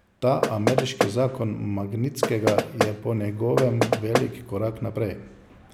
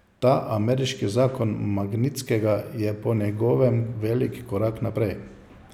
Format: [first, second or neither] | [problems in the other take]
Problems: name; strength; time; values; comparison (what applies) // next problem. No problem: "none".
second | background sound (Knock); as loud as the speech